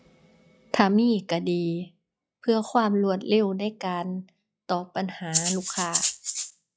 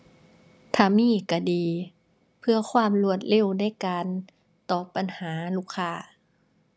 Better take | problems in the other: second | noise reduction (classical method log-MMSE)

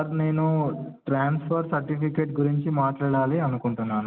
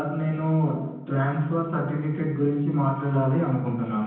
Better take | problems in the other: first | room echo; dies away in 0.9 s

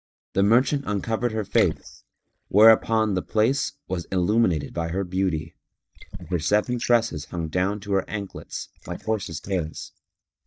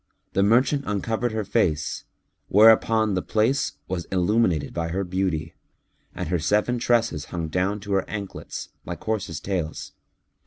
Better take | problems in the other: second | noise reduction (neural mask model DeepFilterNet 3)

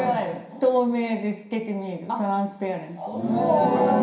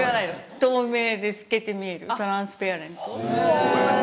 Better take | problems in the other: second | room echo; dies away in 0.5 s

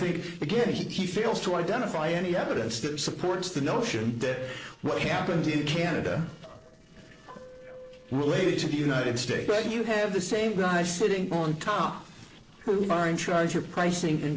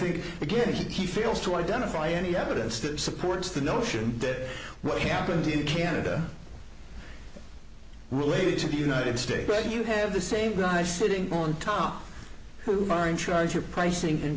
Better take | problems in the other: second | noise reduction (neural separator model SepFormer DNS4)

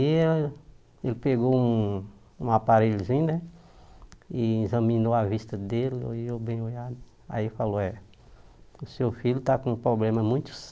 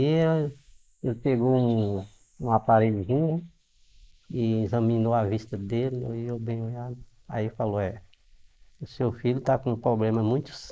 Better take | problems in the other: first | noise reduction (neural mask model Resemble Enhance denoiser)

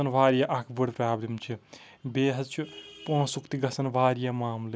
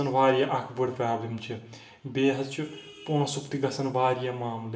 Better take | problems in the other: first | room echo; dies away in 0.7 s

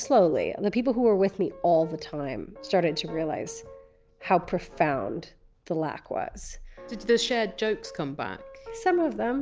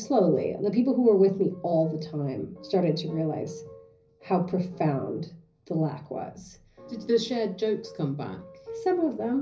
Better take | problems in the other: first | room echo; dies away in 0.5 s

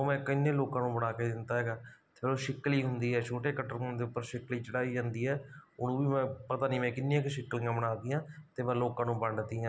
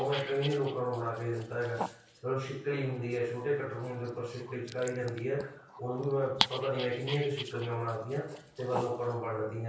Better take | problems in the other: first | background sound (Dog); 9 dB below the speech // room echo; dies away in 0.6 s

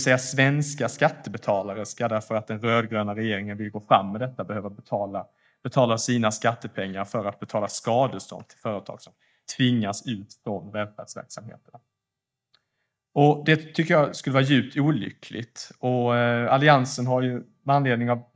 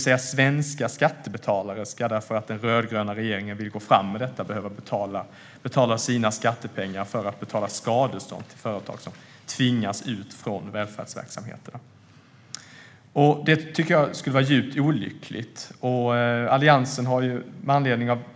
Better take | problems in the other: second | noise reduction (neural mask model DeepFilterNet 3)

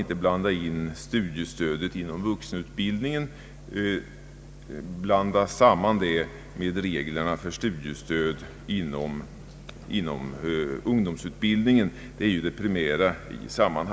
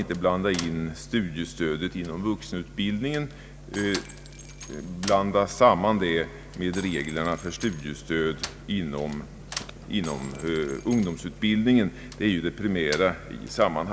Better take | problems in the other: first | background sound (Shatter + Slam); 18 dB below the speech

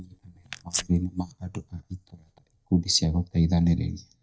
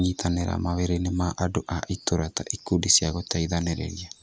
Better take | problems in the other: second | noise reduction (neural mask model DeepFilterNet 3)

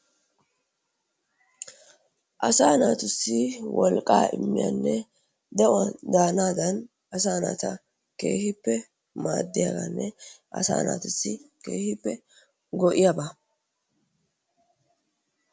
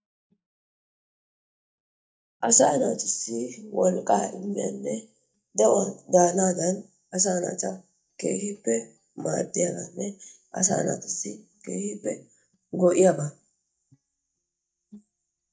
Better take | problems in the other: first | noise reduction (neural mask model DeepFilterNet 3)

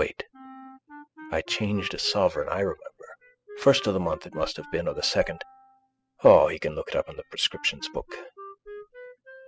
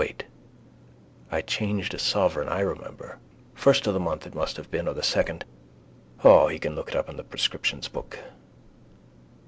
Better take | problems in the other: second | noise reduction (classical method spectral subtraction)

